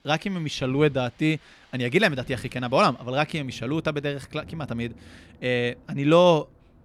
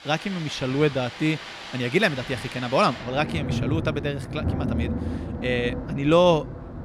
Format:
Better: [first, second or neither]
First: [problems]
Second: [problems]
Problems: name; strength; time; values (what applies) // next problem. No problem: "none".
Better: first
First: rain or running water; faint; throughout; 25 dB below the speech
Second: rain or running water; loud; throughout; 7 dB below the speech